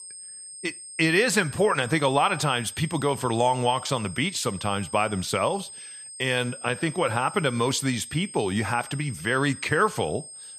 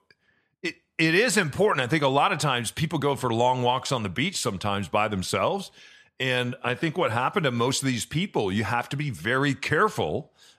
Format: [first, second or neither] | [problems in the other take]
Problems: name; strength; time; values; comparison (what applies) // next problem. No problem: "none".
second | high-pitched whine; noticeable; throughout; 8.5 kHz, 15 dB below the speech